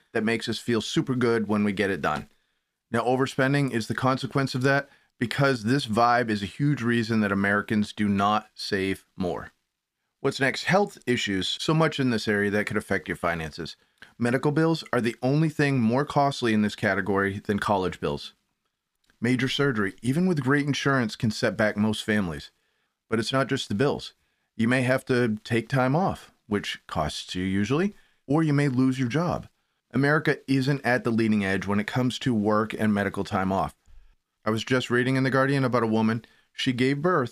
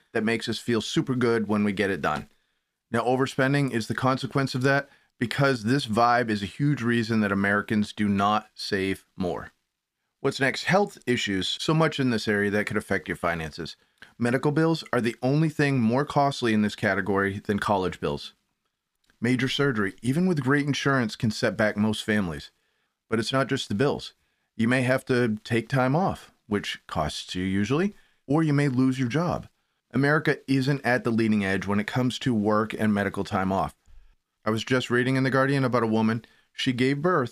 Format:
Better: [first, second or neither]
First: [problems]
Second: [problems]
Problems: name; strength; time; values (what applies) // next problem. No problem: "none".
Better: neither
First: none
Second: none